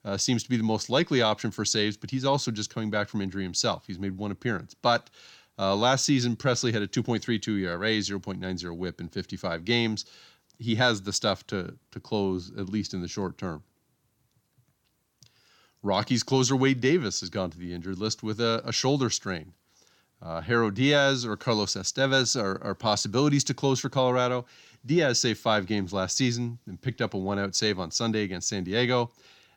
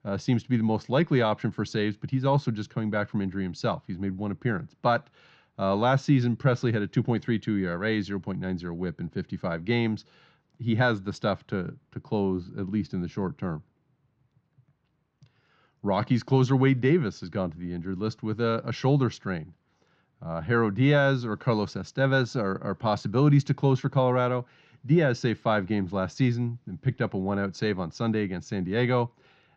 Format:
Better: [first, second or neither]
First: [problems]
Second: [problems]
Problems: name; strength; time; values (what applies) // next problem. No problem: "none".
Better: first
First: none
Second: muffled; very; fading above 2 kHz